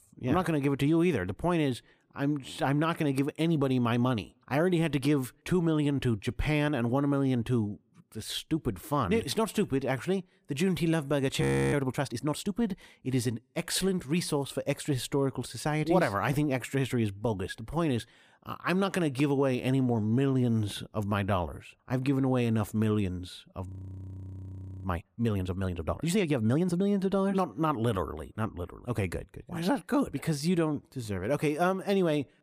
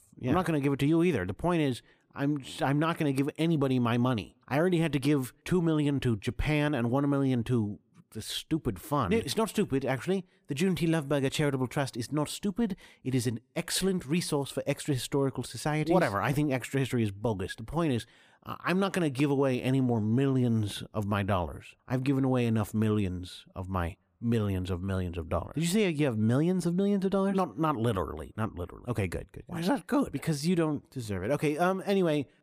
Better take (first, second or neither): second